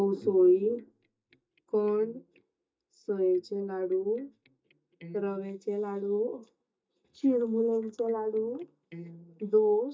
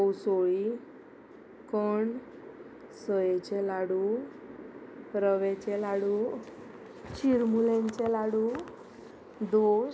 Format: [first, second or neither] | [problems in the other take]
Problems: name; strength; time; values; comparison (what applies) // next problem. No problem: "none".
second | noise reduction (neural mask model DeepFilterNet 3)